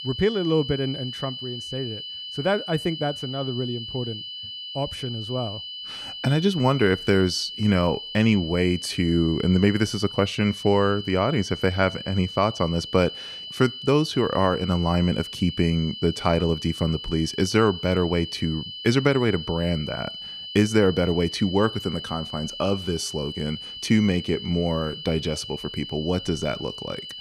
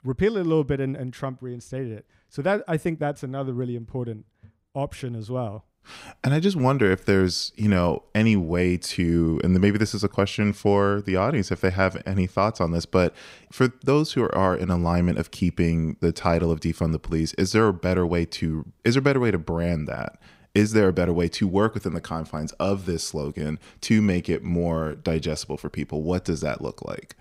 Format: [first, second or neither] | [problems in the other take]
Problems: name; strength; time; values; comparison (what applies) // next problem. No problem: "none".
second | high-pitched whine; loud; throughout; 3 kHz, 10 dB below the speech